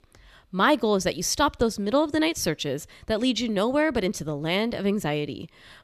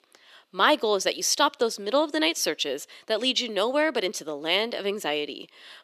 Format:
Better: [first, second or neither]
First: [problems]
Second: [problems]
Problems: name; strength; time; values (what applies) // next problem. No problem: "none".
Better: first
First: none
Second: thin; somewhat; fading below 350 Hz